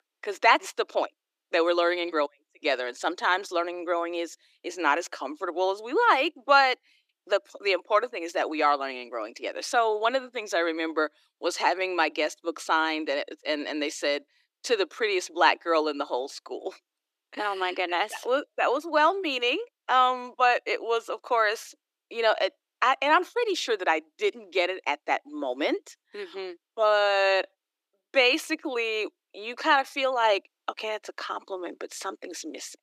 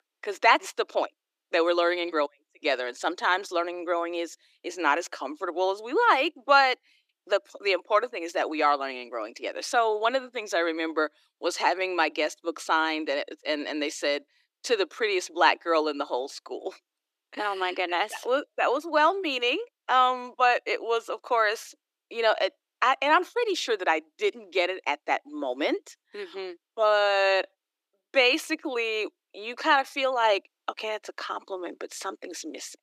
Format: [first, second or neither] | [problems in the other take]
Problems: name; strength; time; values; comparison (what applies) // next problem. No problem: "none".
neither | thin; very; fading below 300 Hz; the same in both